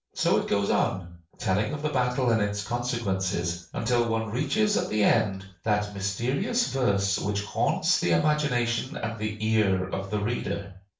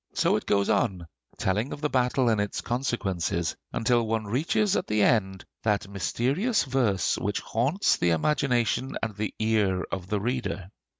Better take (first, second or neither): second